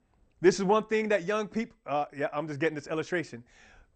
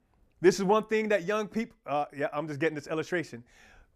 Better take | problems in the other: second | garbled, watery; slightly; nothing above 8 kHz

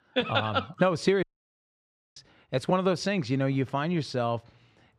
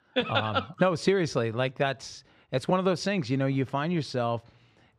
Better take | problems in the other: second | audio cutting out; at 1 s for 1 s

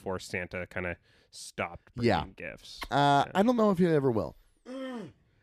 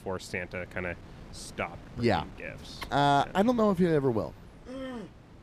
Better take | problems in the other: first | wind noise on the microphone; occasional gusts; 25 dB below the speech

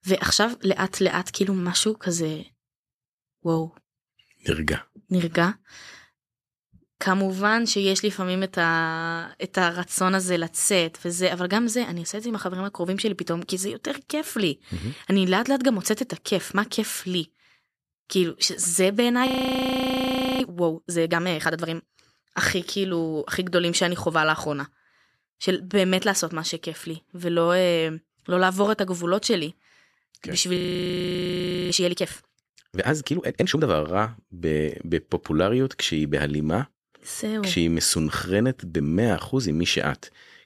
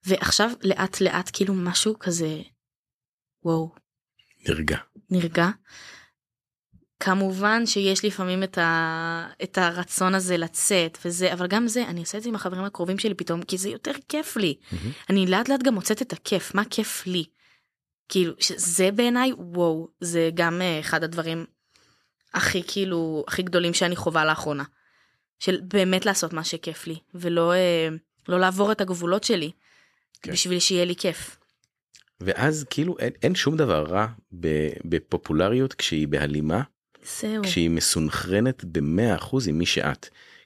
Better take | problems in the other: second | audio freezing; at 19 s for 1 s and at 31 s for 1 s

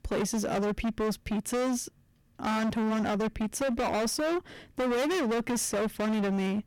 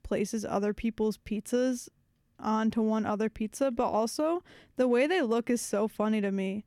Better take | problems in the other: second | distortion; heavy; 35% of the sound clipped

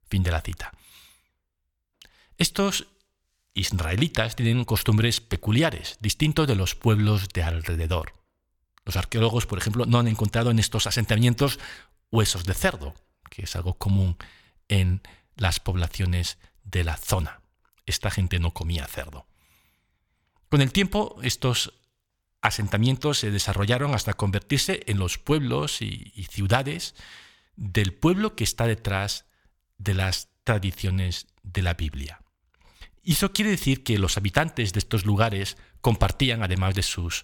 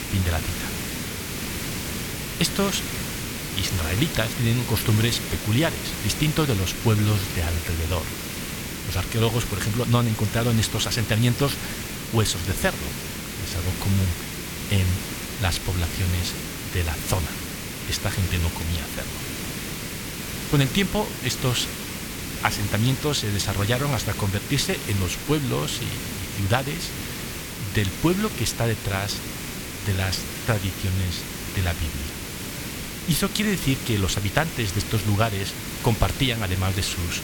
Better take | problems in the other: first | hiss; loud; throughout; 5 dB below the speech

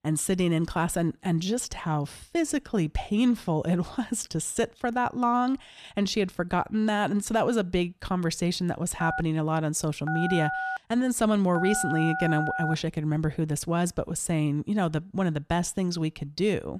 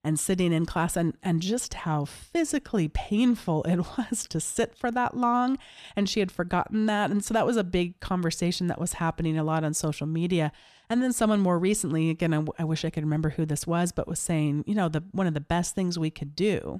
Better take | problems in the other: second | phone ringing; noticeable; from 9 to 13 s; peak 2 dB below the speech

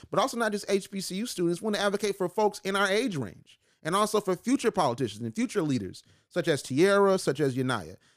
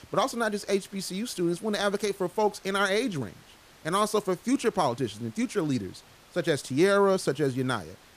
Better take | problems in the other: first | hiss; faint; throughout; 25 dB below the speech

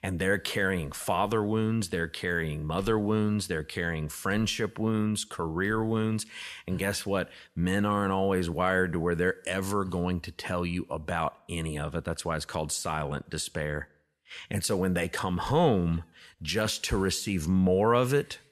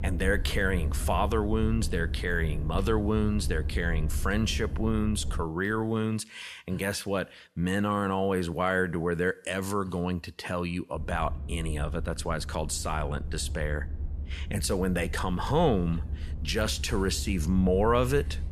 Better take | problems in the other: first | low rumble; noticeable; until 5.5 s and from 11 s on; 20 dB below the speech

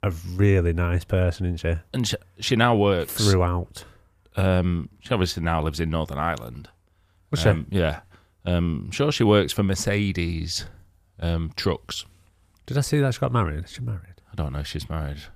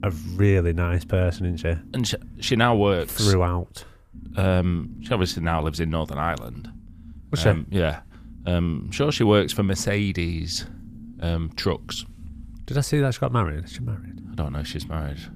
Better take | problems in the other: first | low rumble; faint; throughout; 25 dB below the speech

